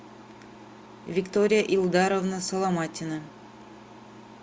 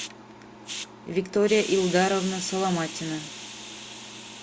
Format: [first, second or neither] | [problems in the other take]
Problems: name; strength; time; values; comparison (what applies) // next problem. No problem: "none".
first | background sound (Hiss); 11 dB below the speech